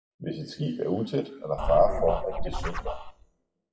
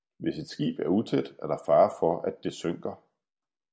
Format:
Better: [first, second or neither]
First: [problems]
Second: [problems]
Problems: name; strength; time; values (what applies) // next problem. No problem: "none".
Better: second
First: noise reduction (classical method WPE with log-MMSE)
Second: none